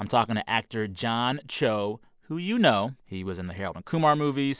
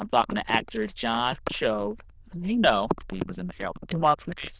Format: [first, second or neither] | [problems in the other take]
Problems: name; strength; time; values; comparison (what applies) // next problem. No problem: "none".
first | noise reduction (neural diffusion model UNIVERSE++)